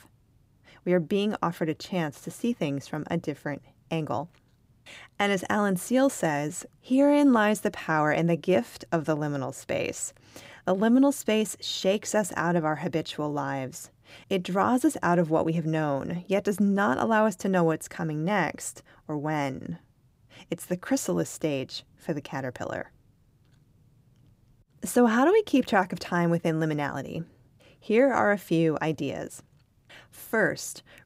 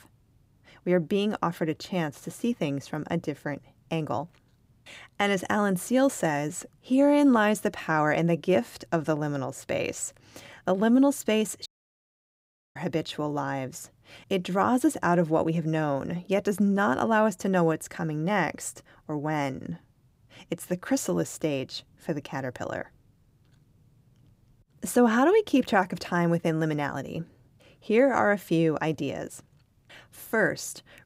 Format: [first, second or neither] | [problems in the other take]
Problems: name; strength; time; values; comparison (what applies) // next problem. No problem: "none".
first | audio cutting out; at 12 s for 1 s